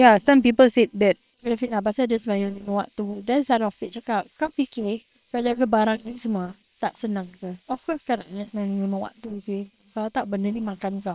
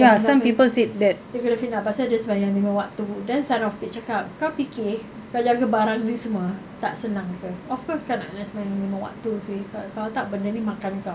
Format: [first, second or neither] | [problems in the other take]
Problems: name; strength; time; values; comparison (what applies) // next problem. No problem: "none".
second | noise reduction (neural separator model SepFormer WHAM!)